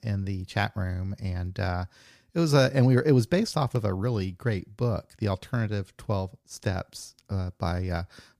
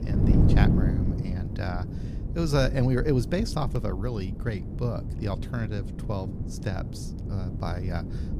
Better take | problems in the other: first | wind noise on the microphone; heavy; 6 dB below the speech

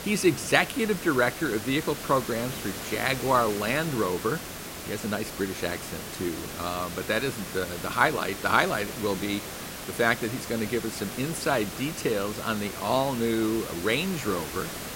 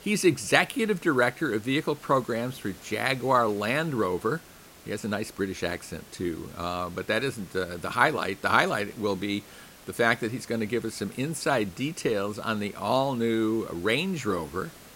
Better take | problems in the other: second | hiss; loud; throughout; 8 dB below the speech; faint in the second

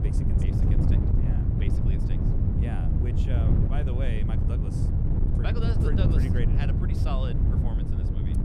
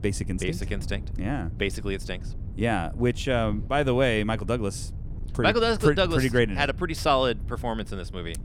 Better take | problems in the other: second | wind noise on the microphone; heavy; 3 dB above the speech; occasional gusts in the second

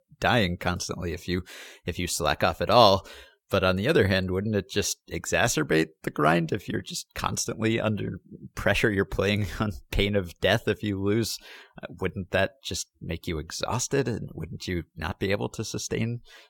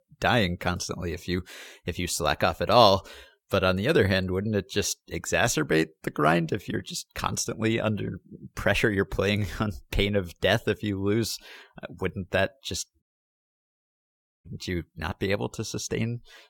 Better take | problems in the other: first | audio cutting out; at 13 s for 1.5 s

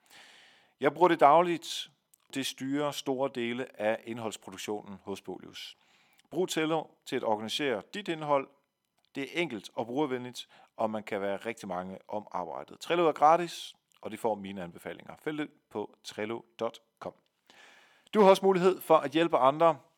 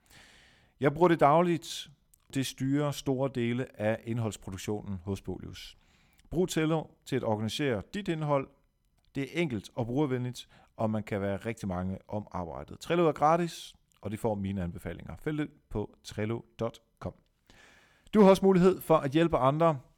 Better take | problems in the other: second | thin; somewhat; fading below 250 Hz

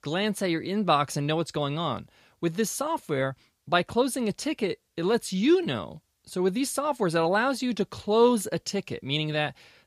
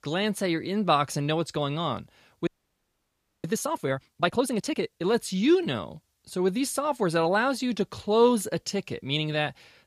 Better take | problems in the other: first | audio freezing; at 2.5 s for 1 s

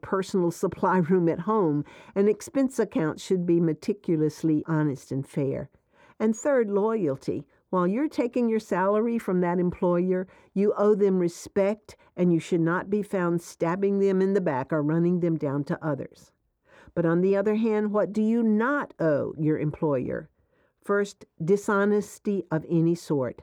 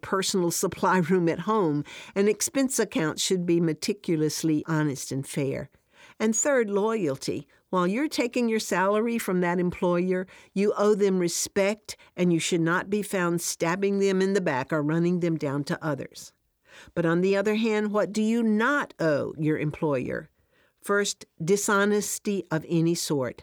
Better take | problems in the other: second | muffled; slightly; fading above 2 kHz

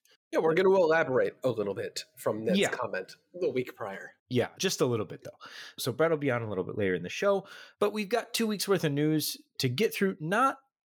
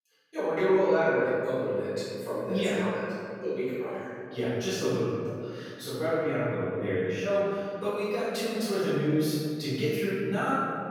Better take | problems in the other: first | off-mic speech; far // room echo; strong; dies away in 2.2 s

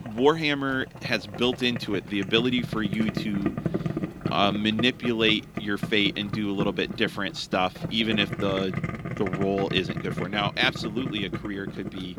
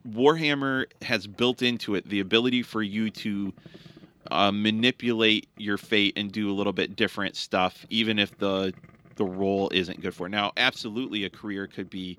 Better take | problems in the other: second | household noises; loud; throughout; 8 dB below the speech; faint in the second

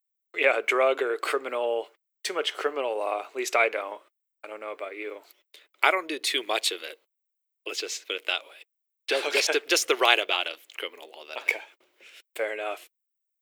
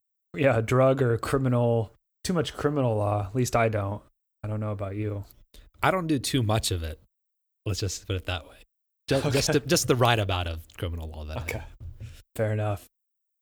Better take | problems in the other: second | thin; very; fading below 350 Hz

